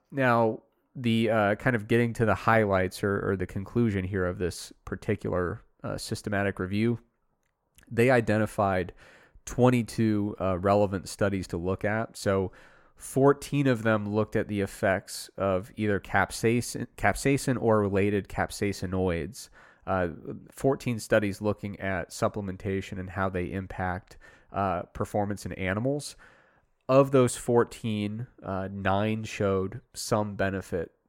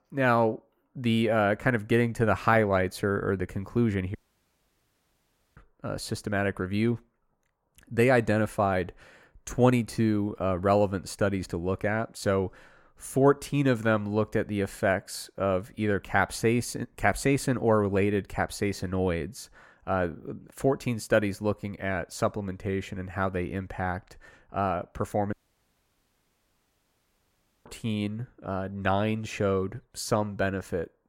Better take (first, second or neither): first